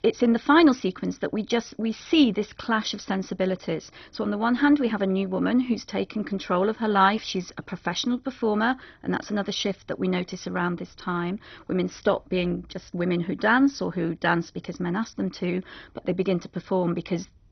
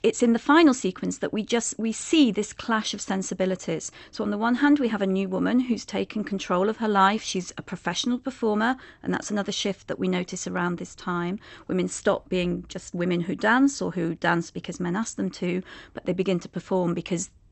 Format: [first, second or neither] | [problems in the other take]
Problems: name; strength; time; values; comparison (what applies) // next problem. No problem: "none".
second | garbled, watery; badly; nothing above 6 kHz; slightly in the second